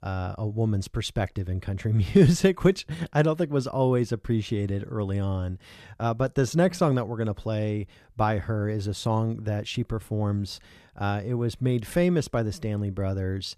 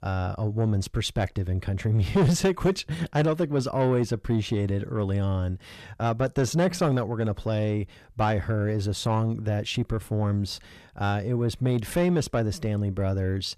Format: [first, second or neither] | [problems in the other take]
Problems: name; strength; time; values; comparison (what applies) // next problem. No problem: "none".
first | distortion; slight; 10 dB below the speech